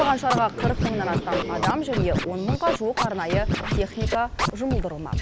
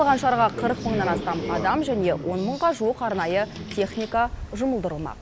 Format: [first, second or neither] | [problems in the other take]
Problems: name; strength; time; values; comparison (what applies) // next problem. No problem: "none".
second | background sound (Scratching (performance technique)); 1 dB below the speech